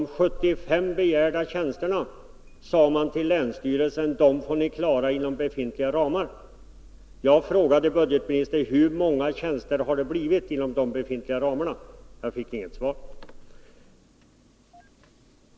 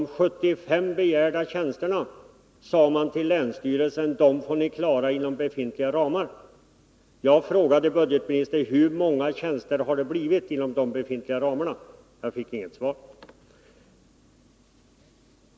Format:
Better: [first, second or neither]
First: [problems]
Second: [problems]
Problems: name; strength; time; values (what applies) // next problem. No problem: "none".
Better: second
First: background sound (Engine starting); 20 dB below the speech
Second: none